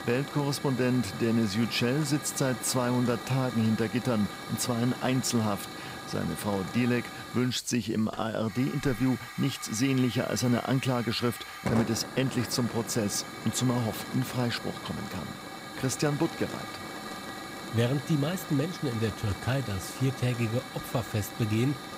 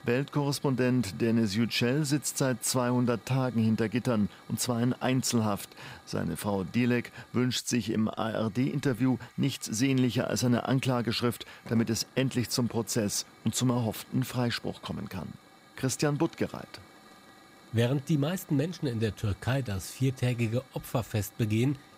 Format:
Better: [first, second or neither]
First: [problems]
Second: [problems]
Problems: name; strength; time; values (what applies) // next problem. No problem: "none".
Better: second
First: hiss; loud; throughout; 10 dB below the speech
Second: hiss; faint; throughout; 25 dB below the speech